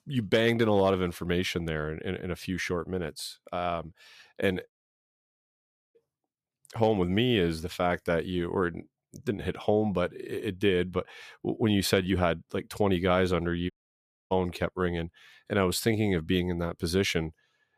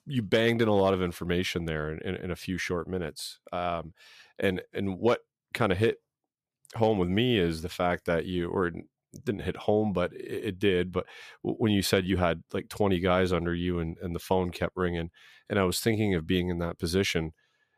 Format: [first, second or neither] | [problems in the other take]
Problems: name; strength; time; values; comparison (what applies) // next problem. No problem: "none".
second | audio cutting out; at 4.5 s for 1 s and at 14 s for 0.5 s